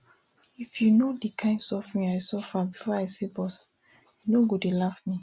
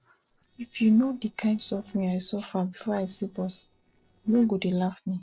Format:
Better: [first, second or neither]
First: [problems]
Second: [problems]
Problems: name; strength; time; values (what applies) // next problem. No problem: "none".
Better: first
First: none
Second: noise reduction (neural separator model SepFormer DNS4)